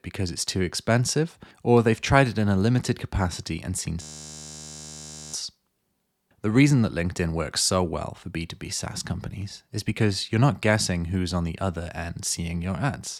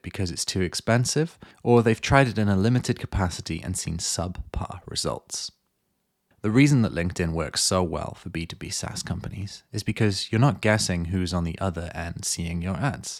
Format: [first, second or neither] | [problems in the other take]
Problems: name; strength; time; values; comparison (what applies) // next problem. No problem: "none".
second | audio freezing; at 4 s for 1.5 s